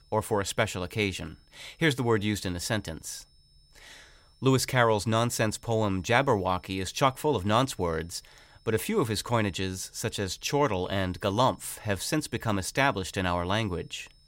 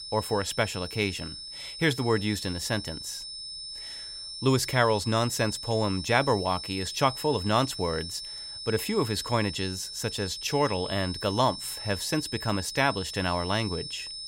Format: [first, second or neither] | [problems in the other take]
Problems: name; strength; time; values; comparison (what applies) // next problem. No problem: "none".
first | high-pitched whine; loud; throughout; 5.5 kHz, 8 dB below the speech; faint in the first